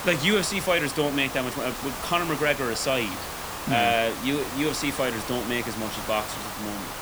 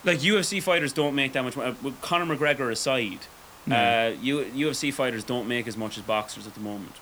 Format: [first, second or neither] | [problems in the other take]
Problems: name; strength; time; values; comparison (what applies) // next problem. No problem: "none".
second | hiss; loud; throughout; 7 dB below the speech; faint in the second